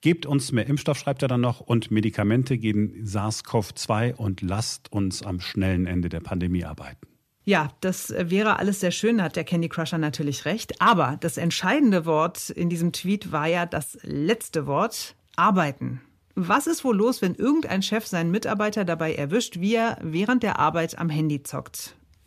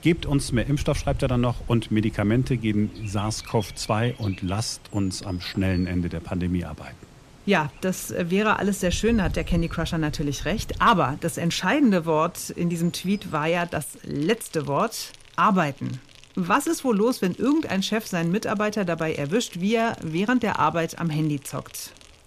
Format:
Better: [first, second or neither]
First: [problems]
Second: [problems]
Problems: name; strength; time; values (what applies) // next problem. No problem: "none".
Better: first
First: none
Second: animal sounds; noticeable; throughout; 15 dB below the speech